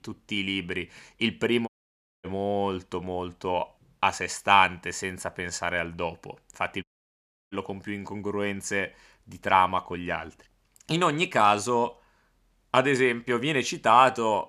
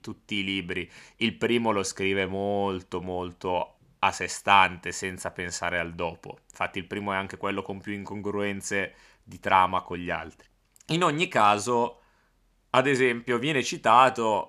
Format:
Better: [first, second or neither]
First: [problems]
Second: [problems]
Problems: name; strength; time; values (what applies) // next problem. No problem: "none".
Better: second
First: audio cutting out; at 1.5 s for 0.5 s and at 7 s for 0.5 s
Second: none